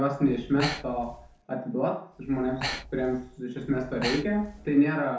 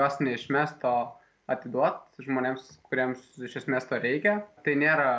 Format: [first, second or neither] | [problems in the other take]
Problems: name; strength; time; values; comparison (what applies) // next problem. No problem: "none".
second | background sound (Breathing); 10 dB below the speech // room echo; dies away in 0.6 s